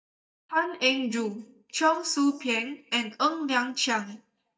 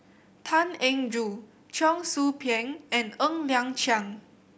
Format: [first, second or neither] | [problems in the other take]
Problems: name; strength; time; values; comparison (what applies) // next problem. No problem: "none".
second | noise reduction (neural mask model DeepFilterNet 3)